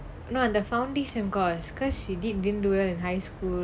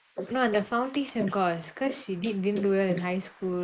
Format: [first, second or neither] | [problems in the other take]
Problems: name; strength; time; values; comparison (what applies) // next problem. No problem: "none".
first | noise reduction (neural mask model Resemble Enhance denoiser)